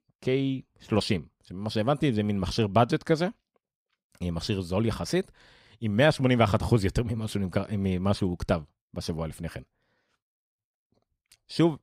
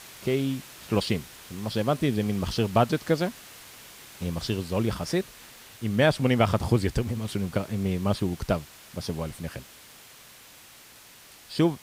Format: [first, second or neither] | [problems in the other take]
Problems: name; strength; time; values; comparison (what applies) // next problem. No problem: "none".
first | hiss; noticeable; throughout; 20 dB below the speech